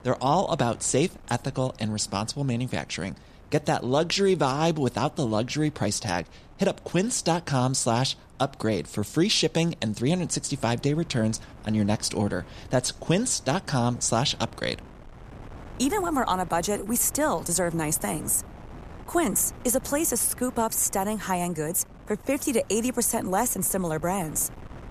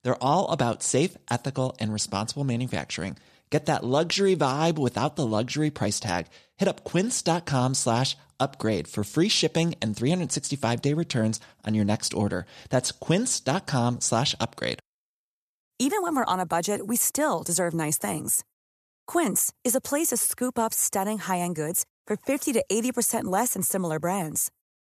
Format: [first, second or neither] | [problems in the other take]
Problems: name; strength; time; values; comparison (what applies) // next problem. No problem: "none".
second | wind noise on the microphone; occasional gusts; 25 dB below the speech